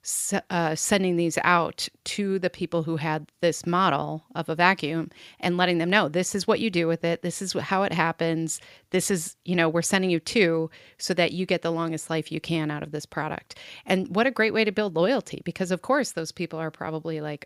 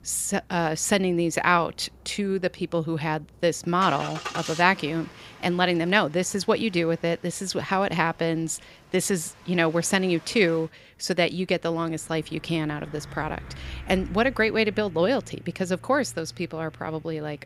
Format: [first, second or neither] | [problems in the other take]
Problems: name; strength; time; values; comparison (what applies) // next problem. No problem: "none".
first | traffic noise; noticeable; throughout; 20 dB below the speech